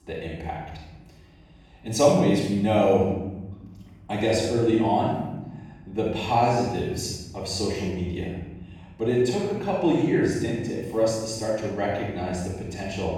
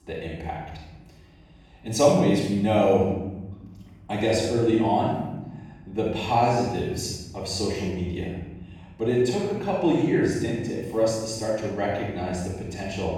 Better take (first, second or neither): neither